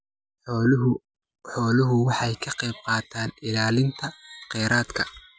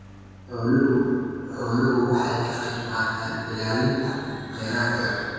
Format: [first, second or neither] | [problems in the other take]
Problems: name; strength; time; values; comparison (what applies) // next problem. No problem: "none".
first | background sound (Engine); 20 dB below the speech // room echo; dies away in 2.2 s